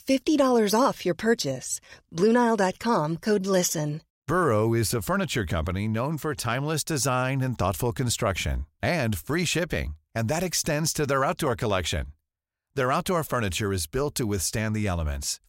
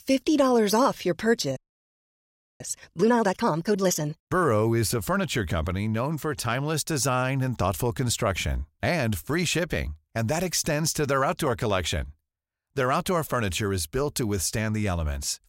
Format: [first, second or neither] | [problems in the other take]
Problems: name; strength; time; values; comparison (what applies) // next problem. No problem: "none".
first | audio freezing; at 1.5 s for 1 s